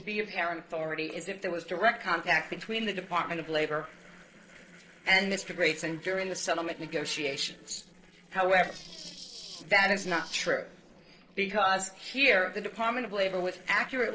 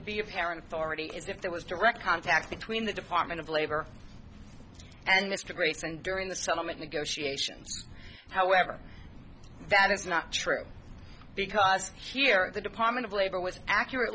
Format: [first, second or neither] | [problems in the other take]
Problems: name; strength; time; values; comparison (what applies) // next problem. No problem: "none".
second | noise reduction (neural separator model SepFormer DNS4)